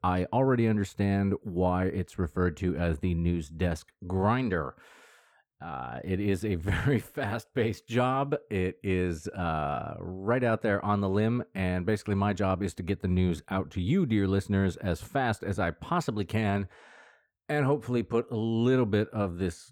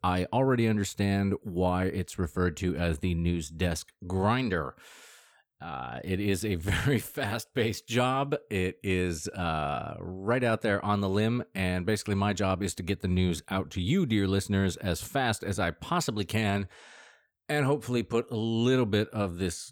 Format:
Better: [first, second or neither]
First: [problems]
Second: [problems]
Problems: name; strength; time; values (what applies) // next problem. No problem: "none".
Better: second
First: muffled; slightly; fading above 2.5 kHz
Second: none